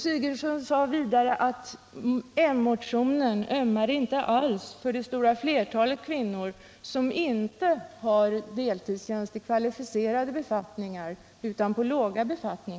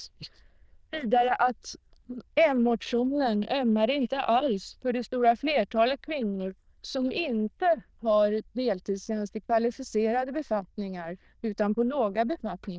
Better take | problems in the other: first | noise reduction (neural diffusion model UNIVERSE++)

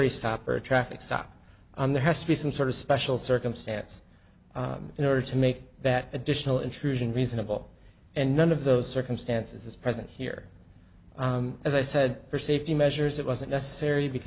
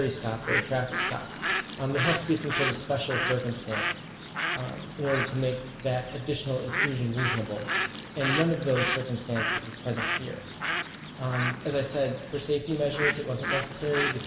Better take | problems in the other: first | background sound (Bird); 2 dB below the speech // room echo; dies away in 2.3 s

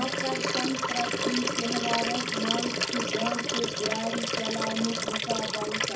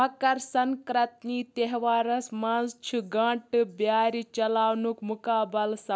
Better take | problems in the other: second | background sound (Liquid); 3 dB above the speech // room echo; dies away in 0.4 s

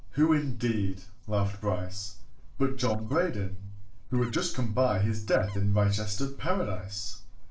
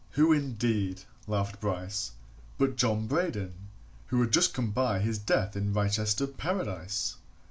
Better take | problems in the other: second | noise reduction (neural separator model SepFormer DNS4)

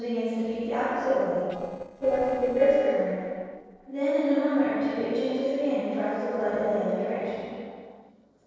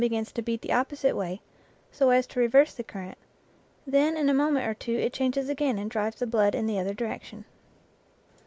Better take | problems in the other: second | noise reduction (neural separator model SepFormer DNS4)

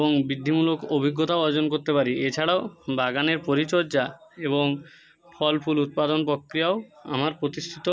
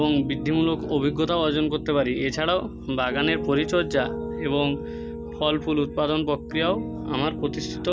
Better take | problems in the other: first | background sound (Piano); 8 dB below the speech

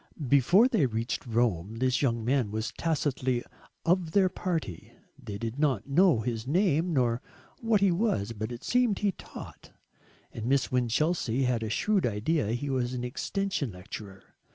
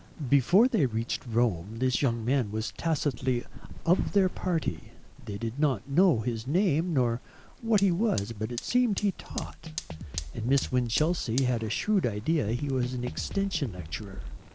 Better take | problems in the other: first | background sound (Drum kit + Fire); 12 dB below the speech

